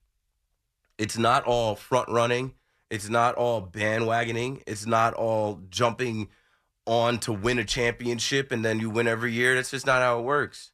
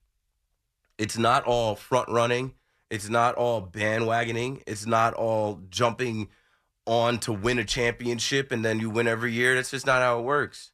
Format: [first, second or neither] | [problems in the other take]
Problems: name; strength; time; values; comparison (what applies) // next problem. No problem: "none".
neither | none